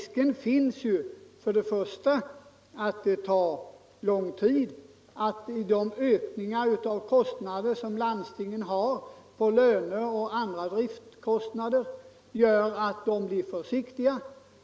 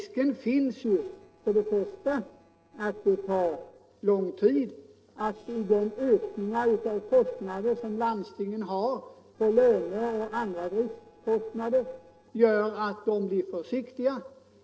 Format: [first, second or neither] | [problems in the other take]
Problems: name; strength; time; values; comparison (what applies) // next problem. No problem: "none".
first | noise reduction (neural separator model SepFormer DNS4)